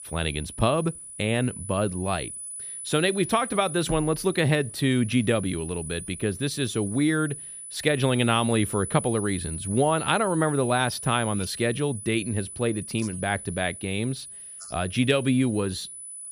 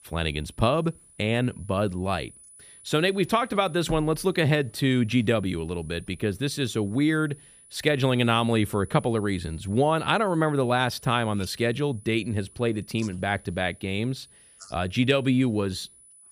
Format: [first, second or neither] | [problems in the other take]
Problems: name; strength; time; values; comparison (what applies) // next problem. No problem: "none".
second | high-pitched whine; loud; throughout; 10 kHz, 10 dB below the speech; faint in the second